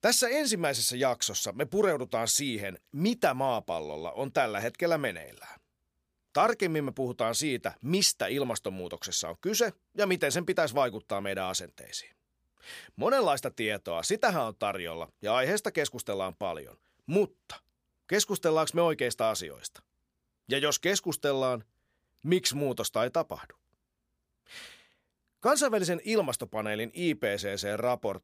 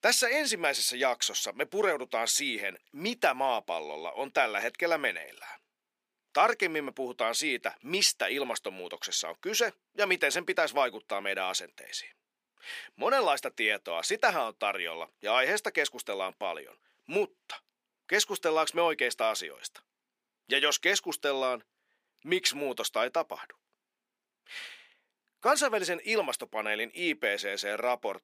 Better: first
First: none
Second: thin; somewhat; fading below 250 Hz

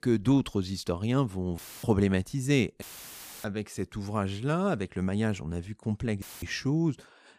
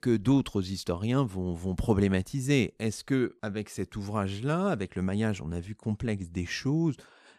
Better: second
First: audio cutting out; filled with static; at 1.5 s, at 3 s for 0.5 s and at 6 s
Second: none

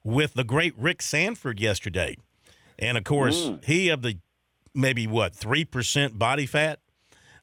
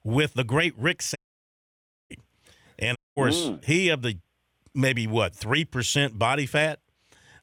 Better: first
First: none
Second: audio cutting out; at 1 s for 1 s and at 3 s

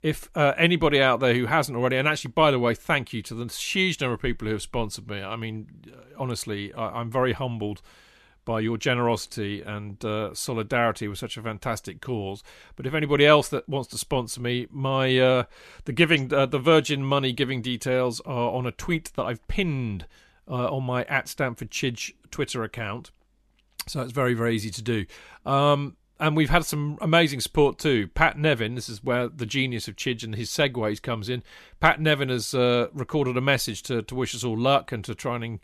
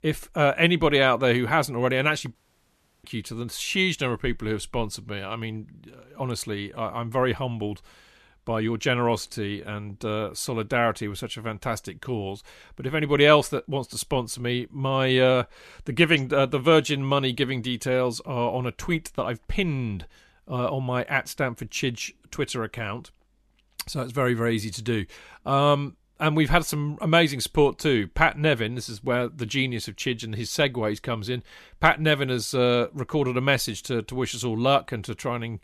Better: first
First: none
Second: audio cutting out; at 2.5 s for 0.5 s

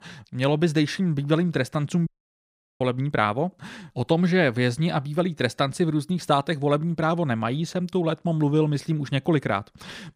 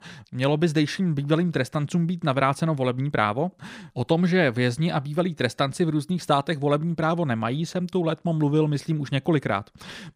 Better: second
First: audio cutting out; at 2 s for 0.5 s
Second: none

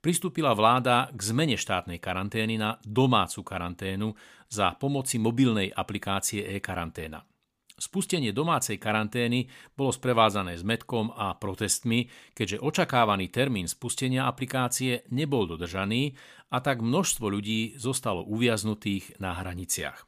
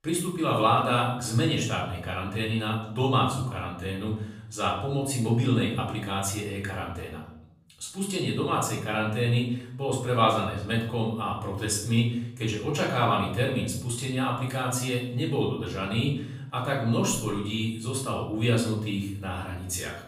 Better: first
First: none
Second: off-mic speech; far // room echo; noticeable; dies away in 0.7 s

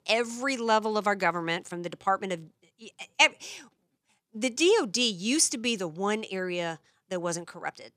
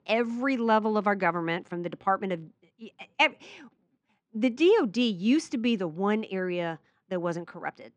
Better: first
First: none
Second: muffled; very; fading above 2.5 kHz

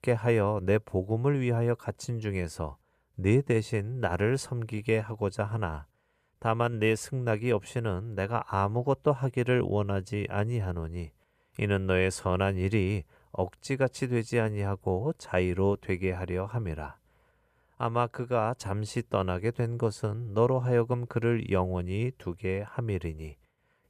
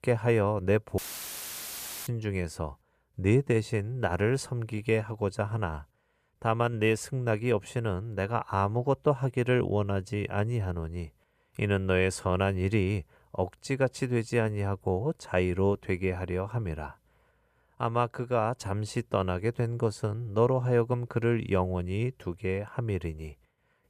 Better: first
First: none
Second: audio cutting out; filled with static; at 1 s for 1 s

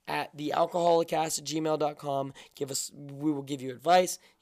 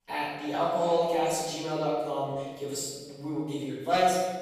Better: first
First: none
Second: off-mic speech; far // room echo; strong; dies away in 1.2 s

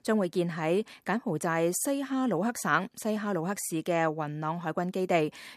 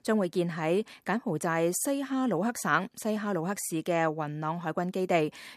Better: neither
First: none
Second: none

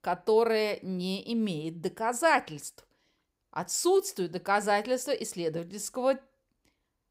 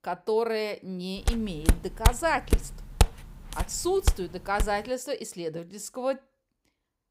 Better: first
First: none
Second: footsteps; loud; from 1.5 to 4.5 s; peak 4 dB above the speech

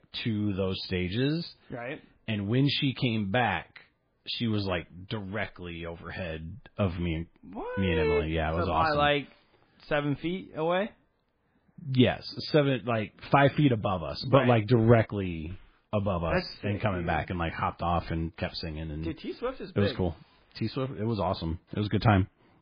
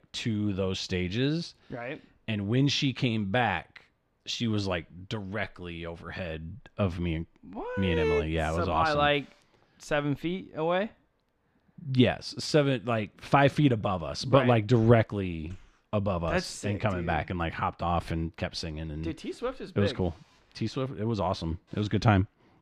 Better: second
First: garbled, watery; badly; nothing above 5 kHz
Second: none

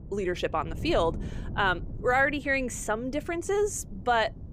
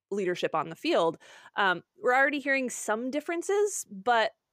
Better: second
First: wind noise on the microphone; occasional gusts; 25 dB below the speech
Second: none

